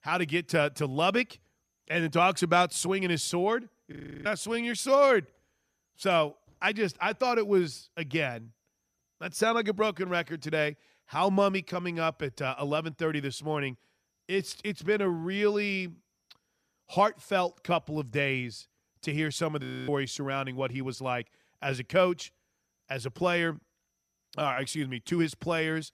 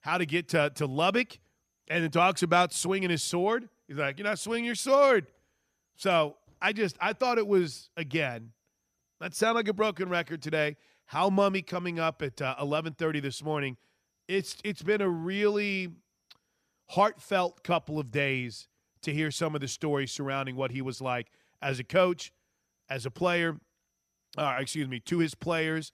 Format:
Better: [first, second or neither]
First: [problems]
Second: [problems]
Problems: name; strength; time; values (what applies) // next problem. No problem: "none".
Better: second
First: audio freezing; at 4 s and at 20 s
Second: none